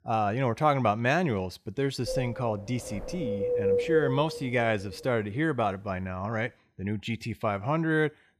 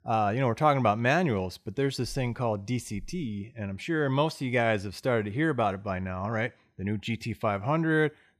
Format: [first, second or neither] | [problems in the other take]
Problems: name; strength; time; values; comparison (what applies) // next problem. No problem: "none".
second | wind noise on the microphone; heavy; from 2 to 6.5 s; 2 dB below the speech